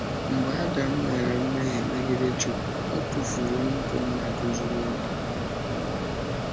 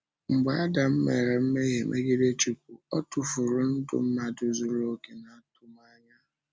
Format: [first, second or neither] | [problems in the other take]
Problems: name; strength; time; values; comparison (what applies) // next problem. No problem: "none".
second | background sound (Mechanisms); 1 dB above the speech